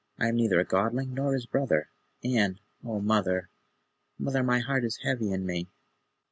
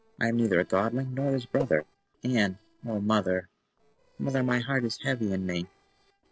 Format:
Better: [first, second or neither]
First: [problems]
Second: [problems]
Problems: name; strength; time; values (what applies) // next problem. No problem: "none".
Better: first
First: none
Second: noise reduction (neural separator model SepFormer DNS4)